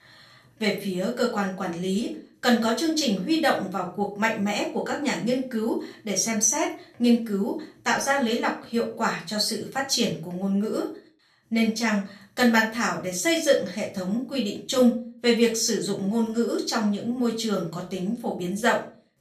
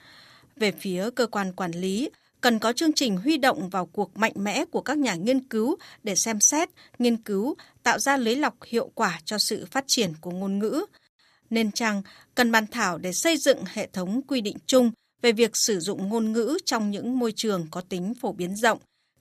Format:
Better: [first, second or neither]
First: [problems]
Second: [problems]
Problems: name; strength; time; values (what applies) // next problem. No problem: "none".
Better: second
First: off-mic speech; far // room echo; slight; dies away in 0.3 s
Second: none